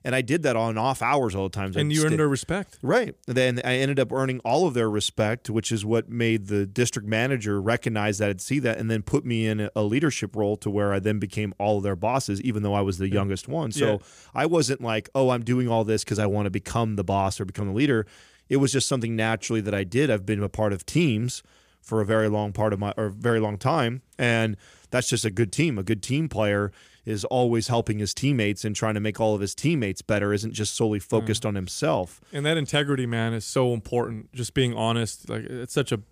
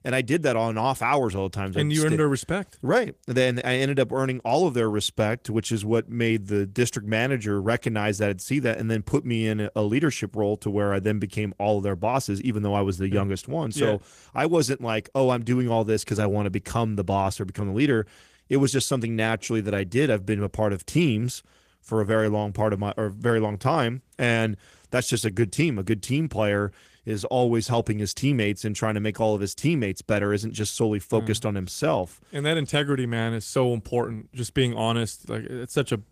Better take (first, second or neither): first